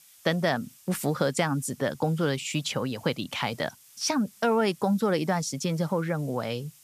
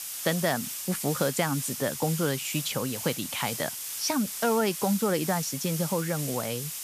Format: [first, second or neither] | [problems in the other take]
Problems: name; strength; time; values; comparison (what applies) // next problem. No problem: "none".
first | hiss; loud; throughout; 4 dB below the speech; faint in the first